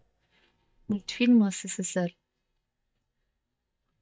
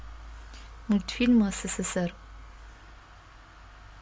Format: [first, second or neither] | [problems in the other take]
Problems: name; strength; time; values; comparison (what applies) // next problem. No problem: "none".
second | noise reduction (neural mask model DeepFilterNet 3)